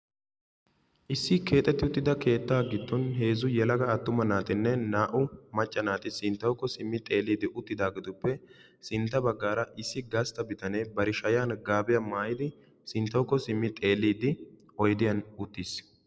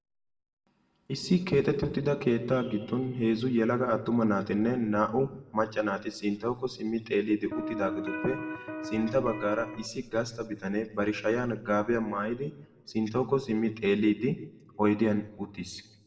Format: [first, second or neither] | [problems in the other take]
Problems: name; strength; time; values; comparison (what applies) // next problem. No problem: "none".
first | background sound (Electric guitar); 7 dB below the speech // room echo; dies away in 0.8 s